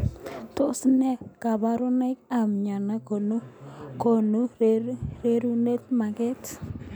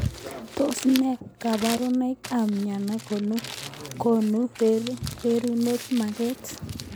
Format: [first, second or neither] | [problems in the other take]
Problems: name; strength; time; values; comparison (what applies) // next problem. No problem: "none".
first | background sound (Crumpling, crinkling); 15 dB below the speech